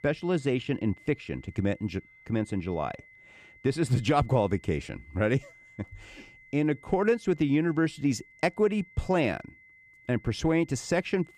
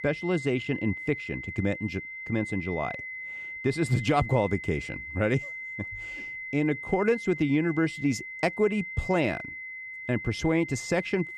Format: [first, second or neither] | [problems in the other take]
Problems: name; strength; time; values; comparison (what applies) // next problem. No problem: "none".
first | high-pitched whine; loud; throughout; 2 kHz, 8 dB below the speech; faint in the first